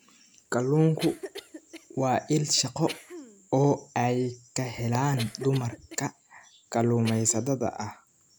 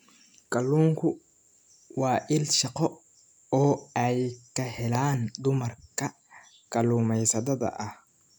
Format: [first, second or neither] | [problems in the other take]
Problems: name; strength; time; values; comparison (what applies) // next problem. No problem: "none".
second | background sound (Cough); 17 dB below the speech